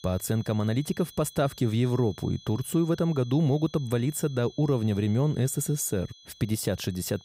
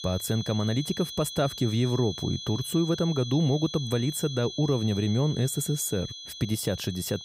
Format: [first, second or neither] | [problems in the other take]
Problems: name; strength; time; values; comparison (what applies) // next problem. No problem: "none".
first | high-pitched whine; loud; throughout; 3.5 kHz, 9 dB below the speech; faint in the first